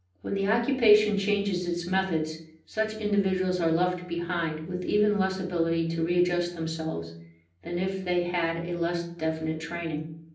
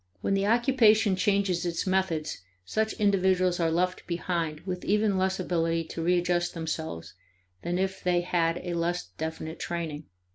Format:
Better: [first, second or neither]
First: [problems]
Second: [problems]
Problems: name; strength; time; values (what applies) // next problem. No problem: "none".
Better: second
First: room echo; dies away in 0.6 s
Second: none